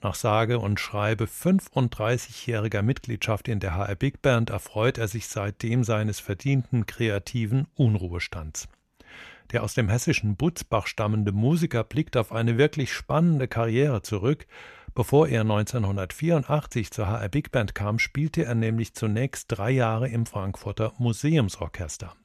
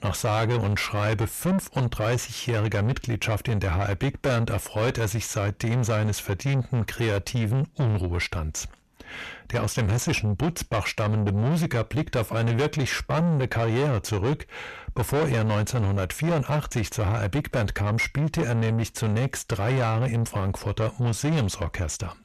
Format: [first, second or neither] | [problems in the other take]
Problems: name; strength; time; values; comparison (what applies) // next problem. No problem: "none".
first | distortion; heavy; 7 dB below the speech